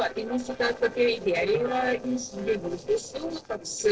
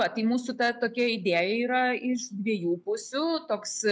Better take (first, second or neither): second